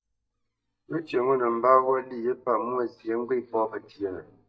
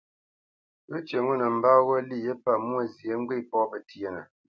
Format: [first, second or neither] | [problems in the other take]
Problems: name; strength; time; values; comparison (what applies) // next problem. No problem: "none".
second | noise reduction (neural mask model DeepFilterNet 3)